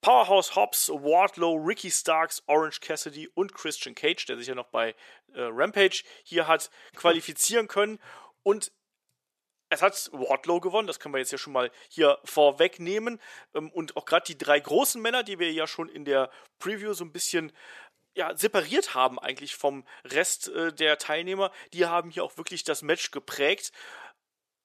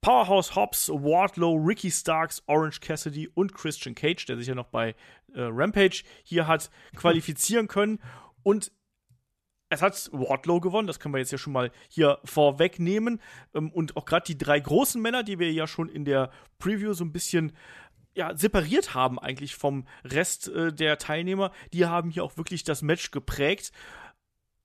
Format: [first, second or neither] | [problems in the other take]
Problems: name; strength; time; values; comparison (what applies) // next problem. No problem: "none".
second | thin; somewhat; fading below 450 Hz